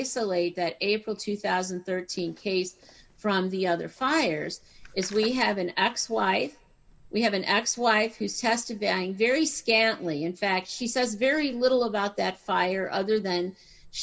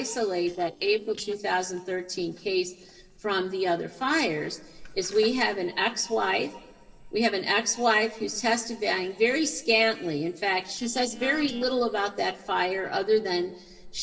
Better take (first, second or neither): first